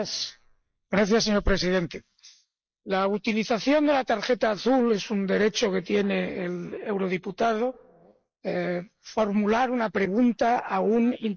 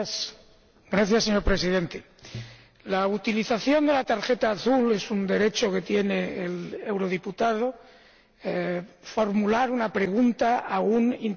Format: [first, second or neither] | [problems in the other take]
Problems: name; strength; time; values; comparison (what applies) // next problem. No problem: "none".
second | noise reduction (neural mask model Resemble Enhance denoiser)